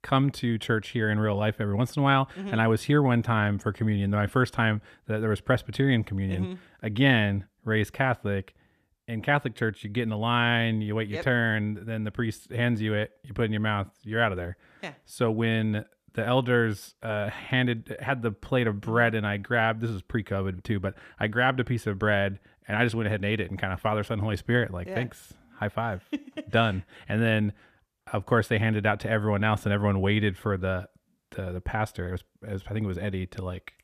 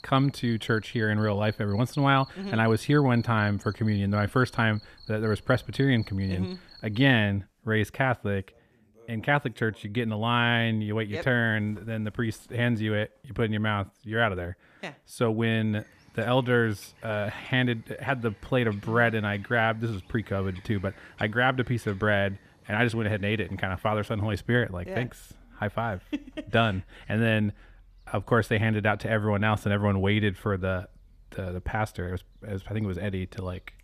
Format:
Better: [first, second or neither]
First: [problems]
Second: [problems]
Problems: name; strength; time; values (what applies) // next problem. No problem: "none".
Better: first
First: none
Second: animal sounds; faint; throughout; 25 dB below the speech